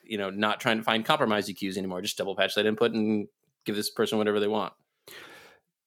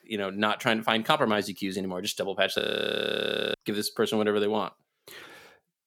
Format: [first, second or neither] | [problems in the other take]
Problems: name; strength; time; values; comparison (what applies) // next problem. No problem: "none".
first | audio freezing; at 2.5 s for 1 s